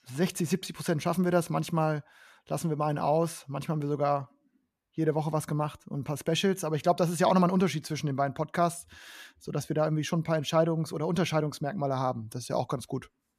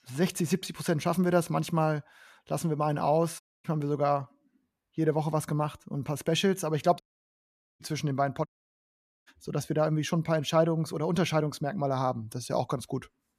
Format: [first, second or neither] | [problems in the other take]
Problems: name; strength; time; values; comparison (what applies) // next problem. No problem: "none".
first | audio cutting out; at 3.5 s, at 7 s for 1 s and at 8.5 s for 1 s